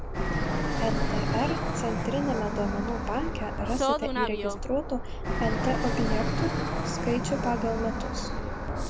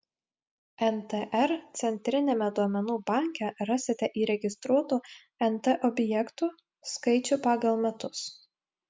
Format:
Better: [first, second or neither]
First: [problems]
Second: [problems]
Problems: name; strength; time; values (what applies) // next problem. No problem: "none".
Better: second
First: background sound (Fixed-wing aircraft, airplane); 3 dB above the speech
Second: none